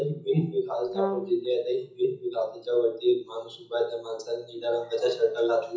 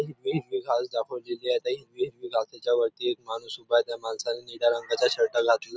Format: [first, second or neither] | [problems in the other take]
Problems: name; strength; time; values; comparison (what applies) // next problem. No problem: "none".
second | background sound (Brass instrument); 4 dB below the speech // room echo; dies away in 0.6 s